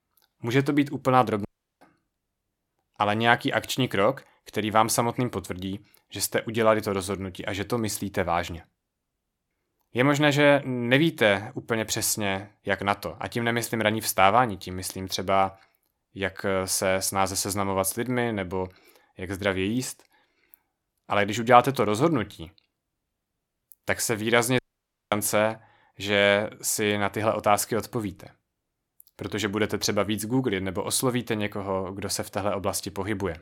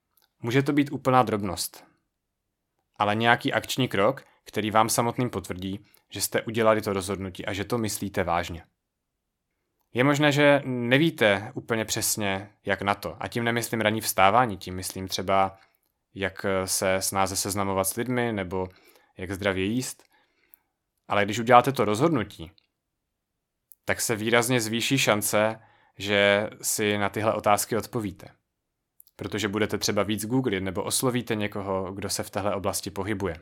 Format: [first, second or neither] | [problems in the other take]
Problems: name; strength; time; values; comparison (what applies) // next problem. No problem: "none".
second | audio cutting out; at 1.5 s and at 25 s for 0.5 s